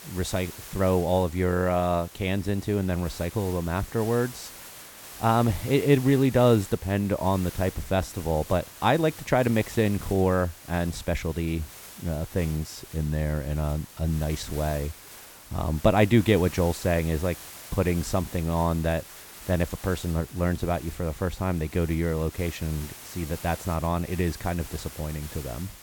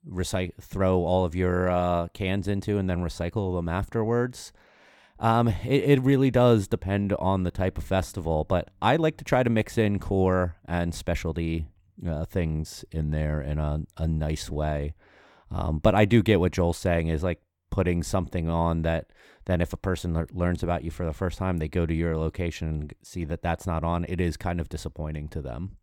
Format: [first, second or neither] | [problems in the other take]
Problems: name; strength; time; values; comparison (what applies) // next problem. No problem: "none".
second | hiss; noticeable; throughout; 15 dB below the speech